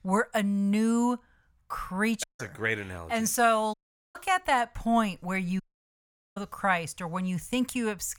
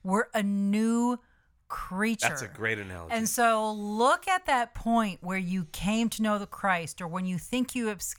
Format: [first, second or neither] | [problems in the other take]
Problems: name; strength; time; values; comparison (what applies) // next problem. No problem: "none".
second | audio cutting out; at 2 s, at 3.5 s and at 5.5 s for 1 s